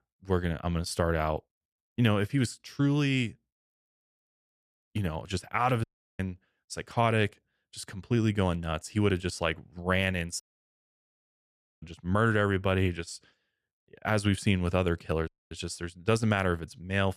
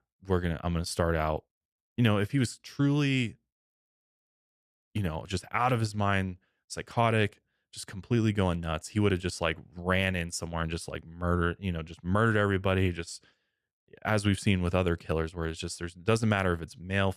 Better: second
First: audio cutting out; at 6 s, at 10 s for 1.5 s and at 15 s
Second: none

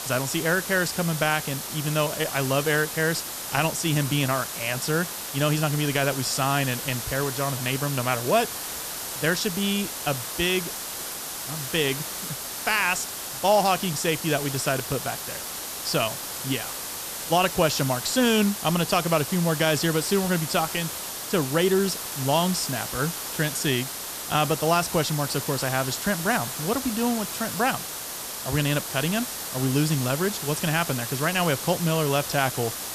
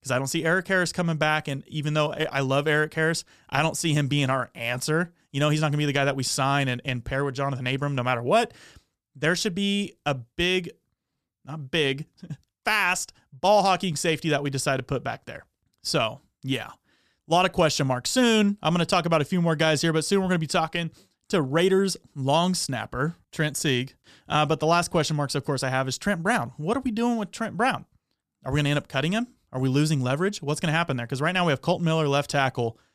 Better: second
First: hiss; loud; throughout; 5 dB below the speech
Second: none

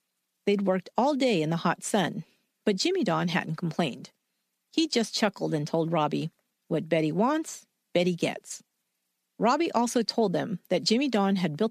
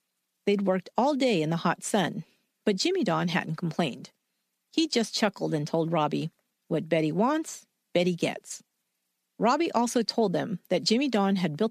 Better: neither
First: none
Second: none

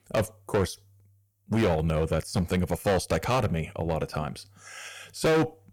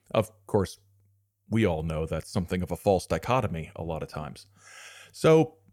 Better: second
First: distortion; heavy; 11% of the sound clipped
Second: none

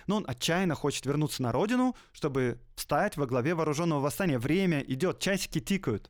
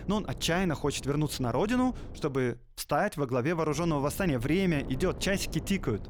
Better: first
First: none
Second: wind noise on the microphone; occasional gusts; until 2.5 s and from 3.5 s on; 20 dB below the speech

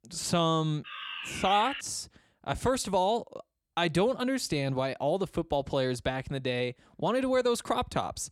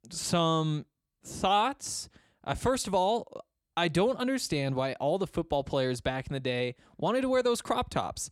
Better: second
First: alarm; noticeable; at 1 s; peak 7 dB below the speech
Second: none

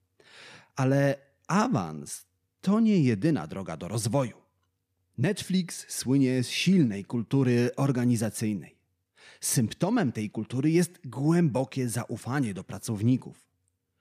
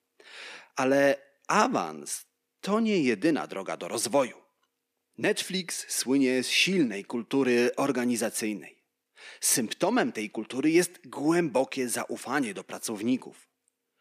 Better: first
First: none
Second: thin; somewhat; fading below 300 Hz

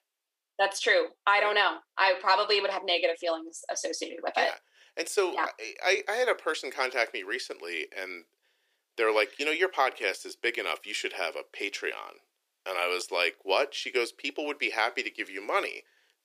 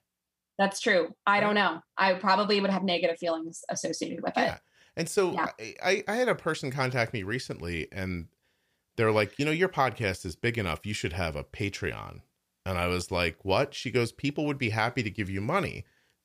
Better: second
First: thin; very; fading below 350 Hz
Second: none

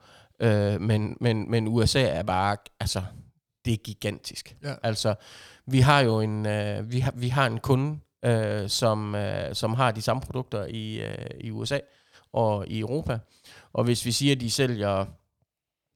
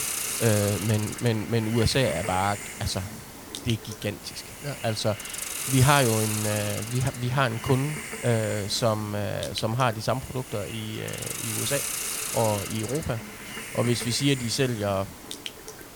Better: first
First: none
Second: hiss; loud; throughout; 6 dB below the speech

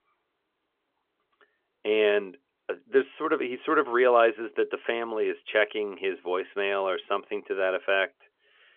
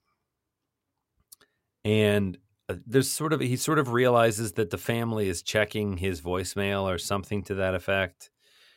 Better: second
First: phone-call audio; nothing above 3.5 kHz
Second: none

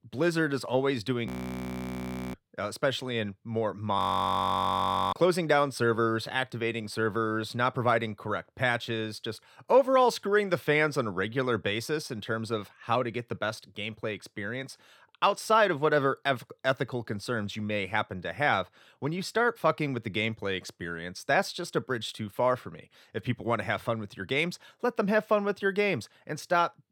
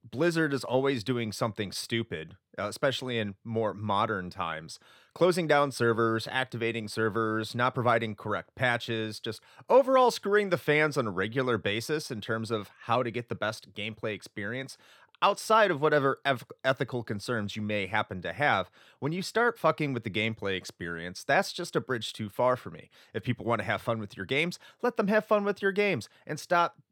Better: second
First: audio freezing; at 1.5 s for 1 s and at 4 s for 1 s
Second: none

